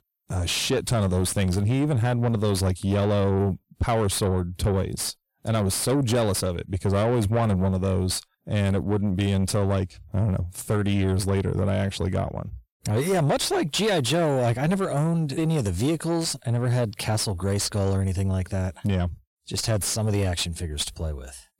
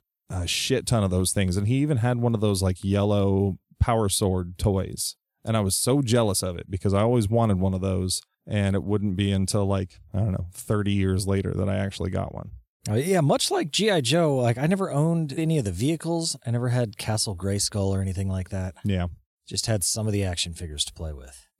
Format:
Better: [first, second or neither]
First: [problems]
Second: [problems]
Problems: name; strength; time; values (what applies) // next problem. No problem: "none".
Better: second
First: distortion; slight; 9 dB below the speech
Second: none